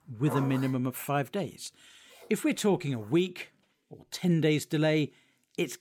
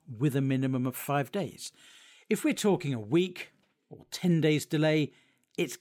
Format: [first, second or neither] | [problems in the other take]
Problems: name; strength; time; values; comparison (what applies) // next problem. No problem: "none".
second | household noises; noticeable; throughout; 10 dB below the speech